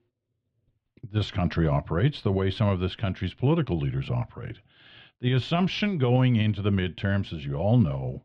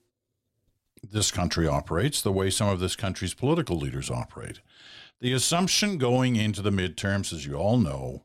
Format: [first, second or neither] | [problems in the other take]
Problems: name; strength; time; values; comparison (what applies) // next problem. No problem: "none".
second | muffled; very; fading above 3 kHz